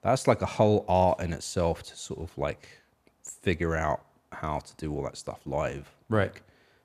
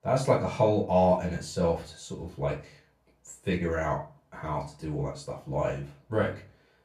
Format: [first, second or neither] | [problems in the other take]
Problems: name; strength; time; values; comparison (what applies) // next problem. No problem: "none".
first | room echo; slight; dies away in 0.3 s // off-mic speech; far